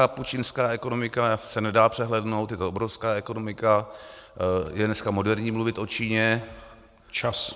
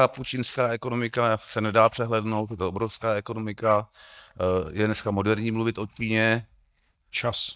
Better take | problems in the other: first | noise reduction (neural mask model DeepFilterNet 3)

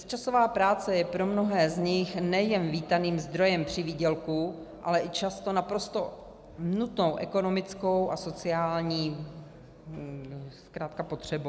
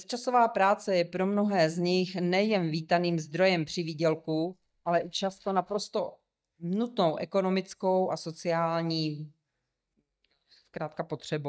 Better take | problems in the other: first | noise reduction (neural mask model DeepFilterNet 3)

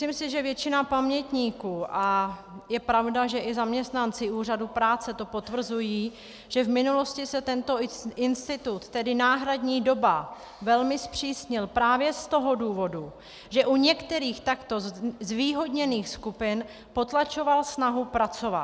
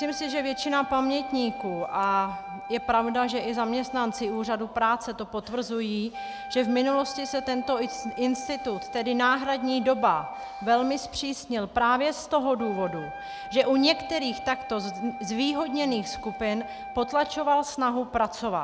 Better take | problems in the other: first | background sound (Wind instrument, woodwind instrument); 12 dB below the speech

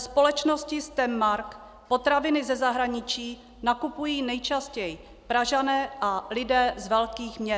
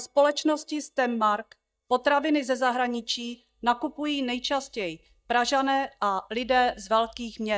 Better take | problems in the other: first | noise reduction (neural mask model DeepFilterNet 3)

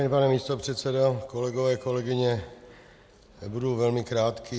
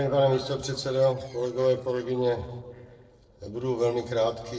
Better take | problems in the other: first | noise reduction (neural separator model SepFormer DNS4)

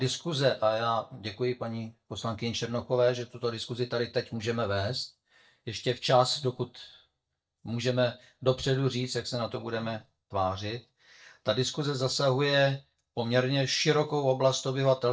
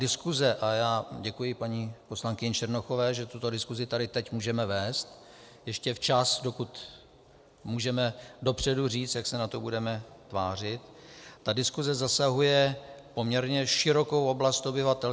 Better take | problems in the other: second | noise reduction (neural mask model DeepFilterNet 3)

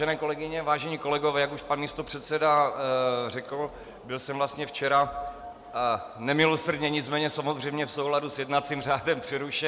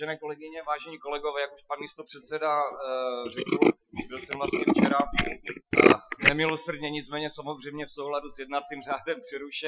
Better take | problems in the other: first | noise reduction (classical method Wiener filter)

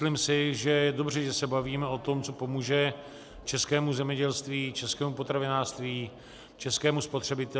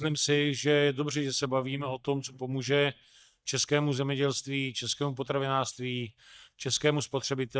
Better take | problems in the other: first | noise reduction (neural mask model DeepFilterNet 3)

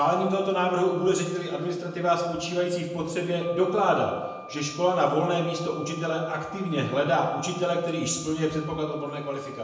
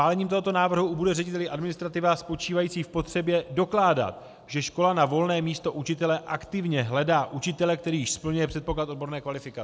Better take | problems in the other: second | background sound (Wind instrument, woodwind instrument); 17 dB below the speech // room echo; dies away in 0.9 s

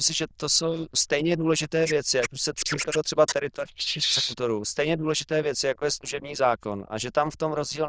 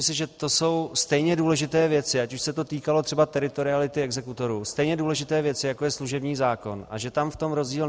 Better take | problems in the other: second | noise reduction (neural diffusion model UNIVERSE++)

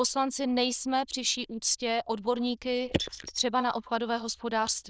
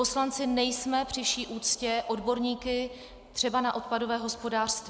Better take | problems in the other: second | noise reduction (neural diffusion model UNIVERSE++)

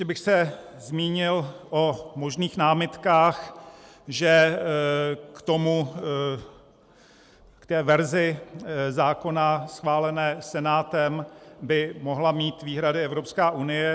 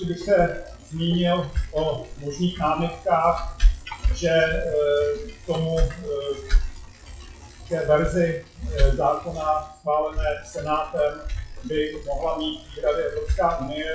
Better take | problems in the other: first | noise reduction (classical method WPE with log-MMSE)

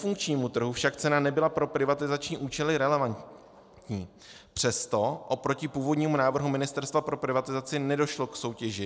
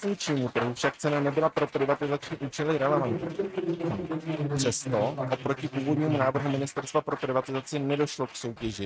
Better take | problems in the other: first | noise reduction (neural mask model RNNoise)

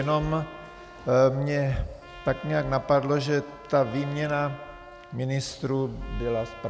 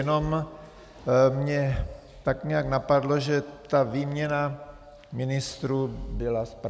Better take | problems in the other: second | background sound (Trumpet); 20 dB below the speech

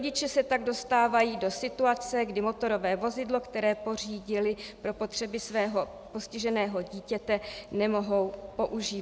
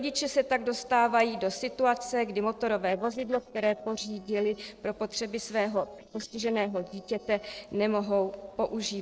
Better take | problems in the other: first | noise reduction (neural separator model SepFormer DNS4)

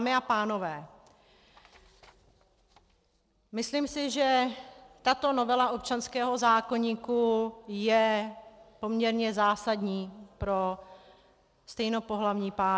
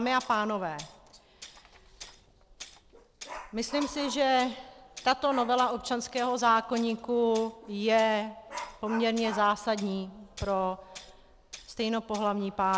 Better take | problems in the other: first | background sound (Dog + Tools); 16 dB below the speech

